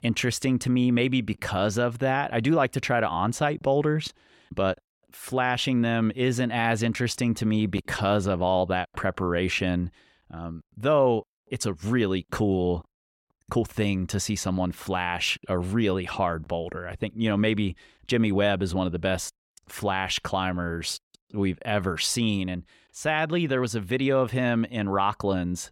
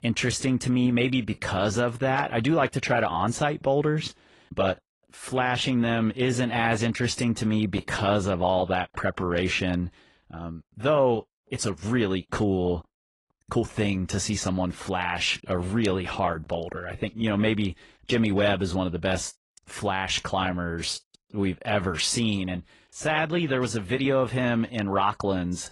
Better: first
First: none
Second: garbled, watery; slightly; nothing above 10.5 kHz

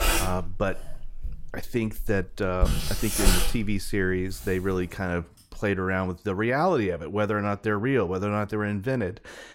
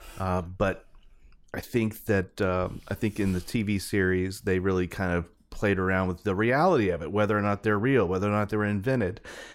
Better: second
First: household noises; loud; until 5 s; 1 dB below the speech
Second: household noises; faint; until 5 s; 25 dB below the speech

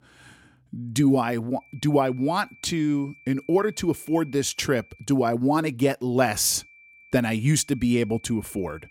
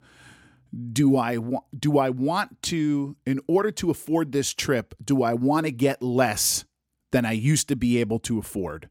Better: second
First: high-pitched whine; faint; from 1.5 to 5 s and from 6.5 s on; 2.5 kHz, 25 dB below the speech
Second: none

